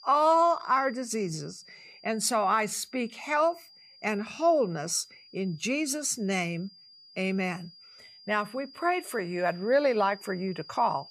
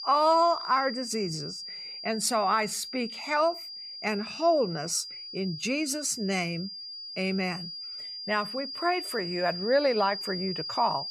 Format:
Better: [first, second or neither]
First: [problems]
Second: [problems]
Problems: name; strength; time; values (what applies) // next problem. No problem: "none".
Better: first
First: high-pitched whine; faint; throughout; 5 kHz, 20 dB below the speech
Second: high-pitched whine; loud; throughout; 5 kHz, 8 dB below the speech